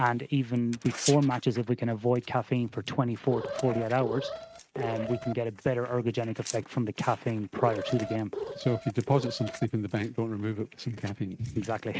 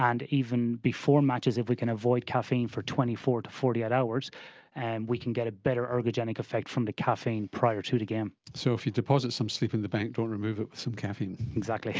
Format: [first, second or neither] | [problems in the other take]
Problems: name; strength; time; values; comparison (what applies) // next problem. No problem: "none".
second | noise reduction (neural mask model RNNoise)